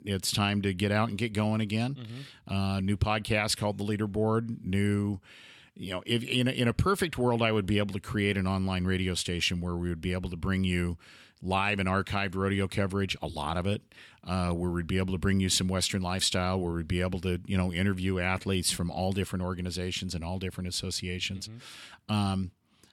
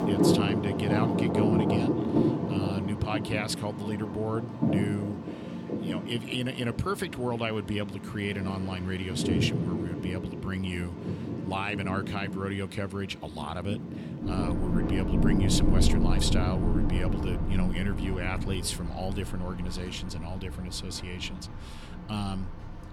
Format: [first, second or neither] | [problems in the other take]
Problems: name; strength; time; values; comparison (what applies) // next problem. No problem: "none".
first | rain or running water; very loud; throughout; 3 dB above the speech